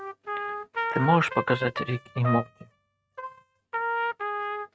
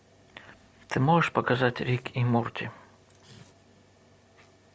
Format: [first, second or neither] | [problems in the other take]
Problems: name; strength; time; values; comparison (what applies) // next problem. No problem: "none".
second | noise reduction (neural mask model RNNoise)